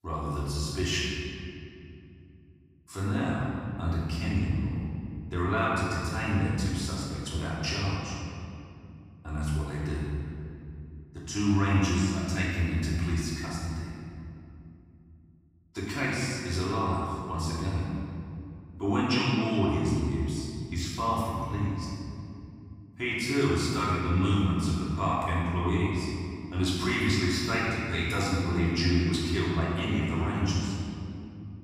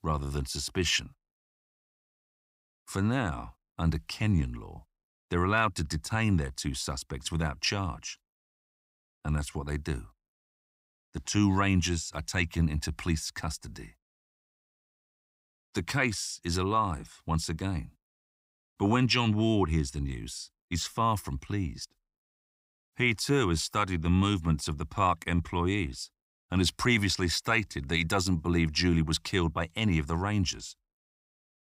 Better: second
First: off-mic speech; far // room echo; strong; dies away in 2.5 s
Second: none

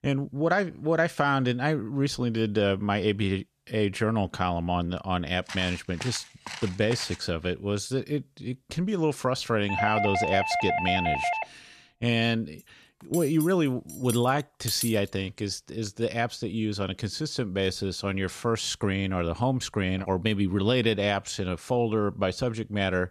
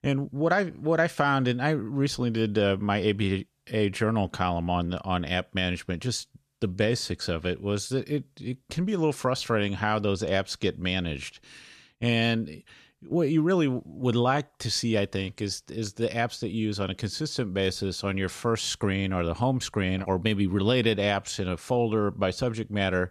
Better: second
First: footsteps; faint; from 5.5 to 7 s; peak 10 dB below the speech // doorbell; loud; from 9.5 to 11 s; peak 1 dB above the speech // clattering dishes; noticeable; from 13 to 15 s; peak 4 dB below the speech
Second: none

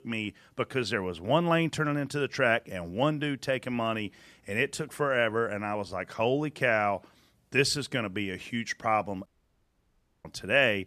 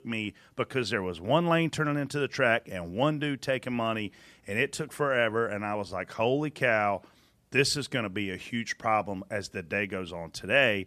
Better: second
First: audio cutting out; at 9.5 s for 1 s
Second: none

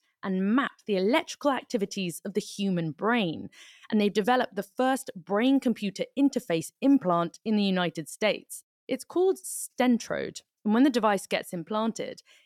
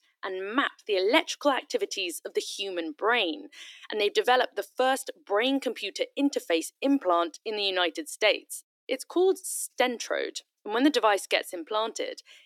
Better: first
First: none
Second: thin; somewhat; fading below 300 Hz

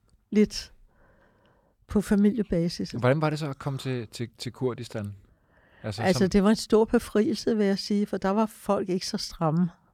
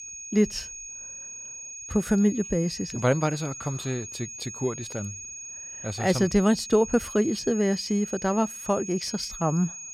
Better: first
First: none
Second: high-pitched whine; noticeable; throughout; 6.5 kHz, 10 dB below the speech

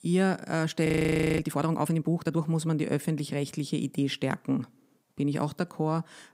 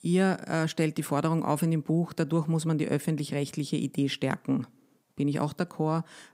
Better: second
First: audio freezing; at 1 s for 0.5 s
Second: none

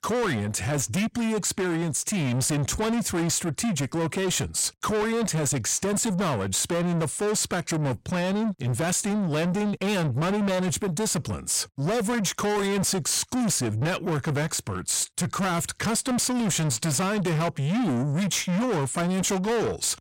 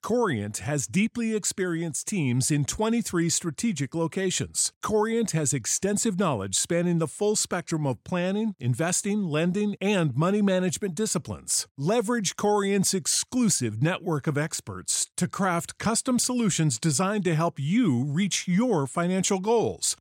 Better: second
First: distortion; heavy; 7 dB below the speech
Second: none

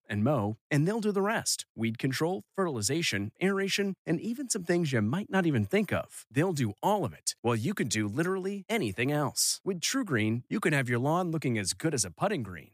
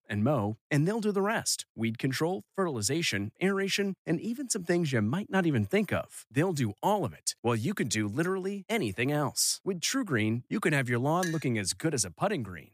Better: first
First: none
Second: clattering dishes; noticeable; at 11 s; peak 9 dB below the speech

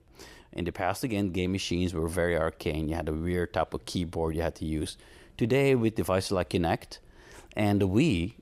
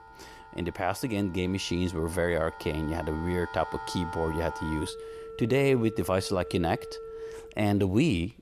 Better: first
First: none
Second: background music; noticeable; throughout; 15 dB below the speech

